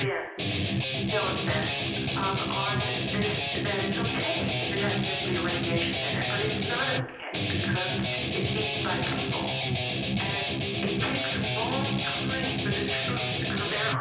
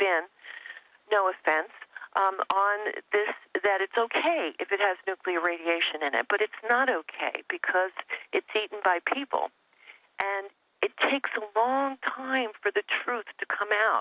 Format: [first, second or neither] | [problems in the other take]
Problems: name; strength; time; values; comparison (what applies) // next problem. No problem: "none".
second | background sound (Guitar); 5 dB above the speech // room echo; dies away in 0.9 s